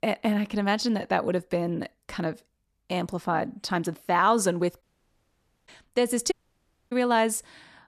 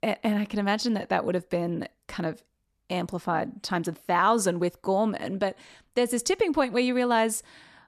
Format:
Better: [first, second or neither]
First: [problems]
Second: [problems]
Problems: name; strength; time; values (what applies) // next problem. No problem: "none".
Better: second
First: audio cutting out; at 5 s for 1 s and at 6.5 s for 0.5 s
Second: none